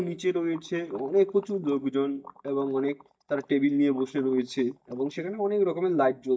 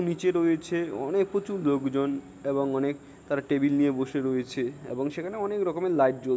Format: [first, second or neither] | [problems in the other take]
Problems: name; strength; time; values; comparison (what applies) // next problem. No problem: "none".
second | noise reduction (neural mask model DeepFilterNet 3)